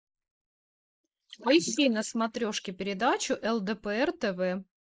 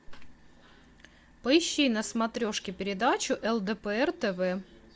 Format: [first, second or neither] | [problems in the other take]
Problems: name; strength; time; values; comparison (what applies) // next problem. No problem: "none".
second | noise reduction (neural mask model Resemble Enhance denoiser)